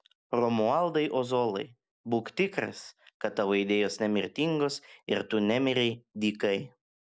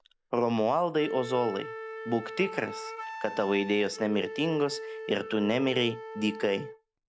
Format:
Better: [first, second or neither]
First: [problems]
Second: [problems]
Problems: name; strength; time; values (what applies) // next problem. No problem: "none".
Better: first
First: none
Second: background sound (Wind instrument, woodwind instrument); 11 dB below the speech